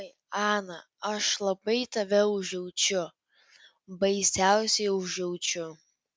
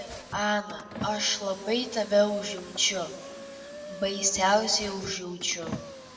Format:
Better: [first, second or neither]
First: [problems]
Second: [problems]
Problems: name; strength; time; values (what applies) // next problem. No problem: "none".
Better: first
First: none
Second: background sound (Car); 13 dB below the speech // room echo; dies away in 1.1 s